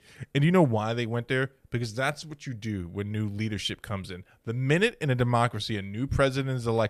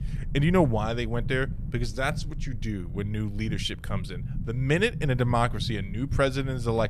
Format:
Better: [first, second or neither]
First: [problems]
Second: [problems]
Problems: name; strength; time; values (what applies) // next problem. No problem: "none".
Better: first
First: none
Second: low rumble; noticeable; throughout; 20 dB below the speech